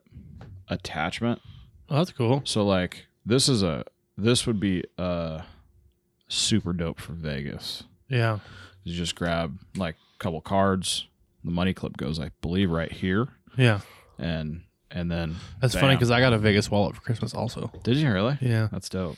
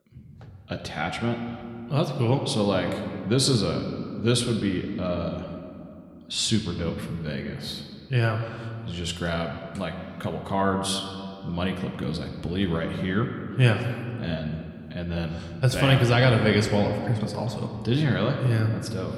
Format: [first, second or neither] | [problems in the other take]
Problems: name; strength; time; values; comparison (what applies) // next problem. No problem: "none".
first | room echo; slight; dies away in 2 s